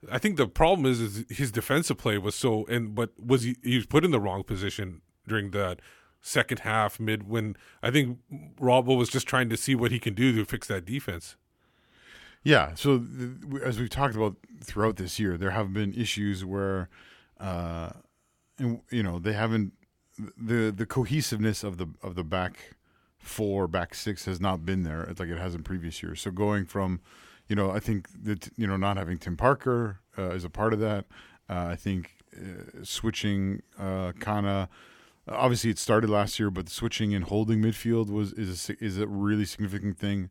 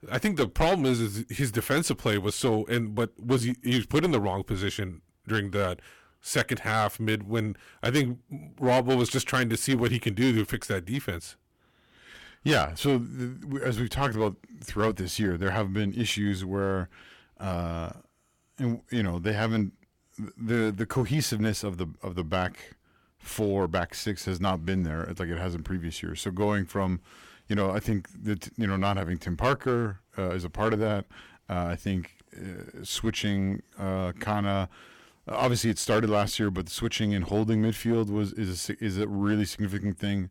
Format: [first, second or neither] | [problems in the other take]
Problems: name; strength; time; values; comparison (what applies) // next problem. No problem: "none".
first | distortion; slight; 6% of the sound clipped